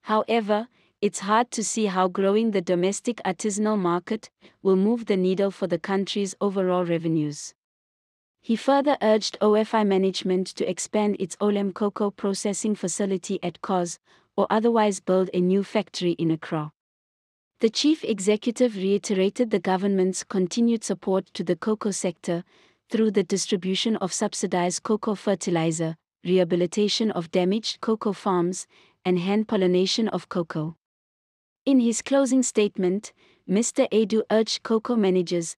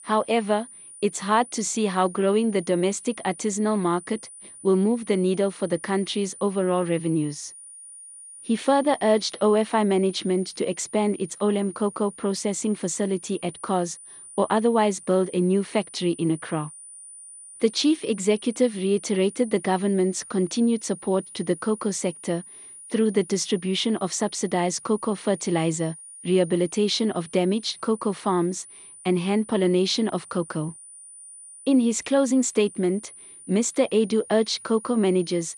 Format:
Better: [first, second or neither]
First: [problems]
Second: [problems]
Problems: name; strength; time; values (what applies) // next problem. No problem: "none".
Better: first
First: none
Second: high-pitched whine; noticeable; throughout; 9.5 kHz, 15 dB below the speech